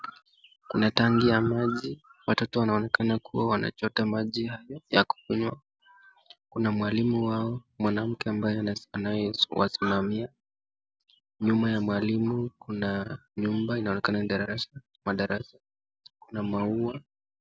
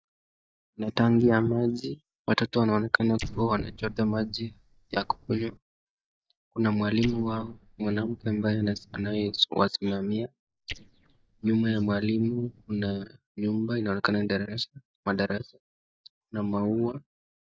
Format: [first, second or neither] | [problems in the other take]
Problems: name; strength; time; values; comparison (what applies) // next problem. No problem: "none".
first | noise reduction (neural mask model DeepFilterNet 3)